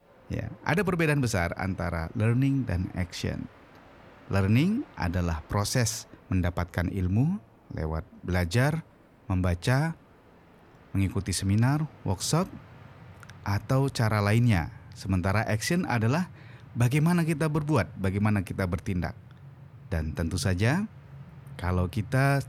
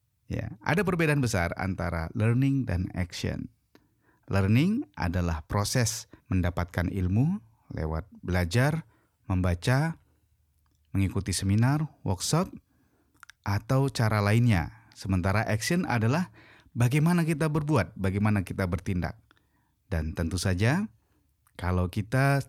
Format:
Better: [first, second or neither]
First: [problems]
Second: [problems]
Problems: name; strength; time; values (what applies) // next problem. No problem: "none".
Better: second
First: train or aircraft noise; faint; throughout; 20 dB below the speech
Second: none